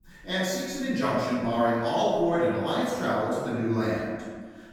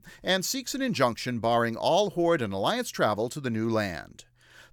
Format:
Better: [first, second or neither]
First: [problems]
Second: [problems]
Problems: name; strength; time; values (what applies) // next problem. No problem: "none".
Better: second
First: off-mic speech; far // room echo; strong; dies away in 1.5 s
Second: none